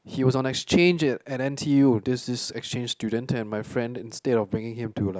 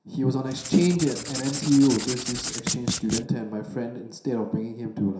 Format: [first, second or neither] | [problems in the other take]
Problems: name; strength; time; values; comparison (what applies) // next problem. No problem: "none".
first | background sound (Writing); 6 dB below the speech // room echo; dies away in 0.7 s